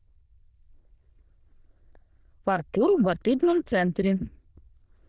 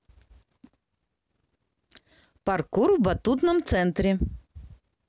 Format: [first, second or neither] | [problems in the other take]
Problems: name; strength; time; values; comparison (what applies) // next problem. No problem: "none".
second | noise reduction (neural diffusion model UNIVERSE++)